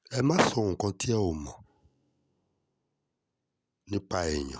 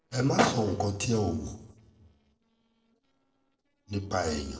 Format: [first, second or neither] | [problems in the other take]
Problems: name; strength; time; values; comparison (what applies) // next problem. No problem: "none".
first | noise reduction (neural separator model SepFormer DNS4)